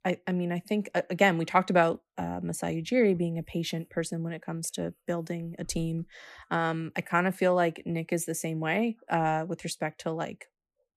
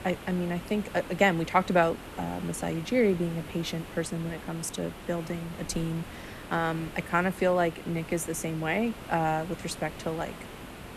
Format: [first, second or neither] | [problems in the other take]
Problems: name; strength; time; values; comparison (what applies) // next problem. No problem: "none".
first | hiss; noticeable; throughout; 15 dB below the speech